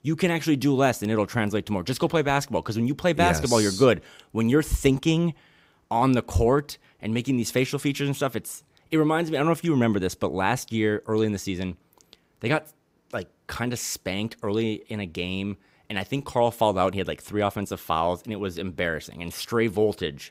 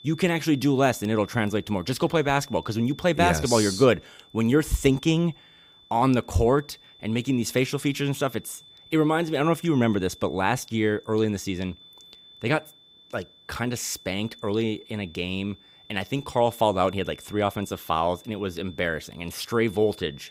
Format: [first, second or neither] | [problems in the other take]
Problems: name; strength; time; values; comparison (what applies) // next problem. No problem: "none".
first | high-pitched whine; faint; throughout; 3.5 kHz, 25 dB below the speech